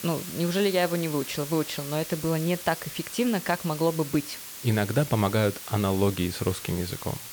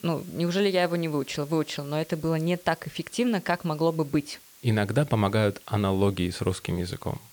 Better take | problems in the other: second | hiss; loud; throughout; 9 dB below the speech; faint in the second

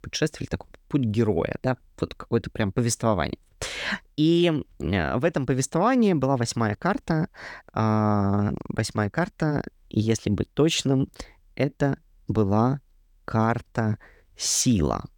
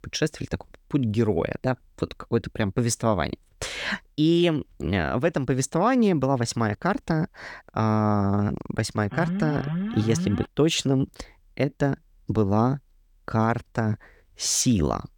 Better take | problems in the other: first | alarm; noticeable; from 9 to 10 s; peak 4 dB below the speech

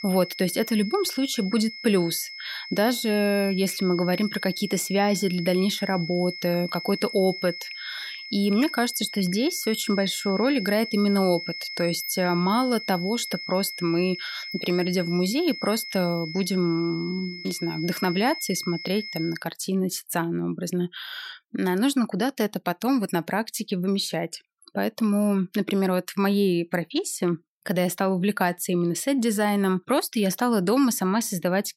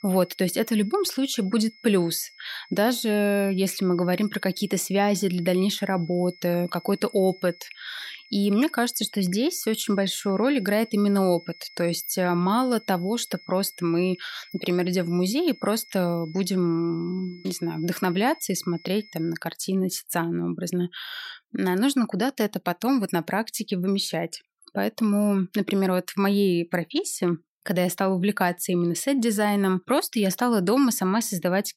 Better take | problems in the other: second | high-pitched whine; loud; until 19 s; 2 kHz, 9 dB below the speech; faint in the second

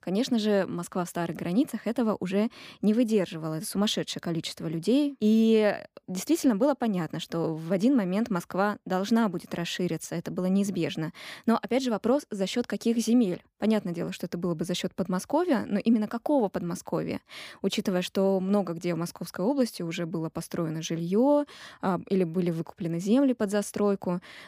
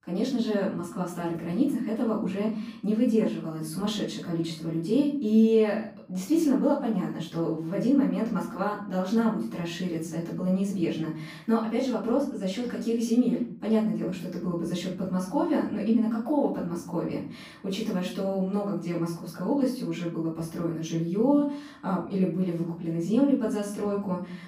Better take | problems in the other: first | off-mic speech; far // room echo; noticeable; dies away in 0.6 s

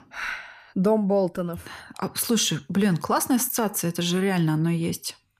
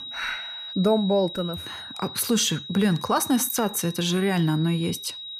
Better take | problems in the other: first | high-pitched whine; noticeable; throughout; 4 kHz, 10 dB below the speech

